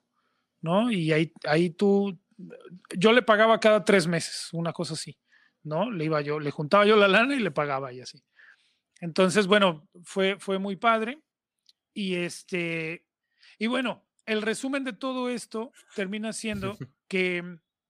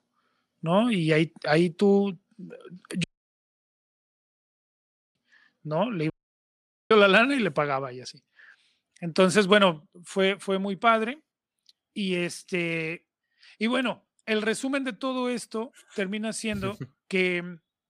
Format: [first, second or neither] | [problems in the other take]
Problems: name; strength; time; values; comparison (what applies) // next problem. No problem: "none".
first | audio cutting out; at 3 s for 2 s and at 6 s for 1 s